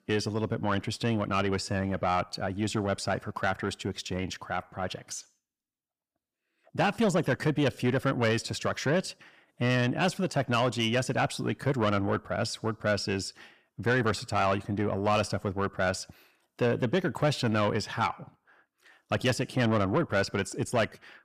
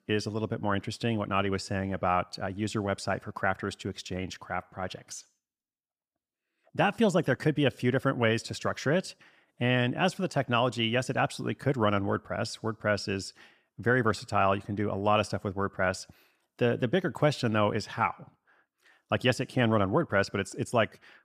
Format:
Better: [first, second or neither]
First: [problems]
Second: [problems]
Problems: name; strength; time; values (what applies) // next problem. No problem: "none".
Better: second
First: distortion; slight; 10 dB below the speech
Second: none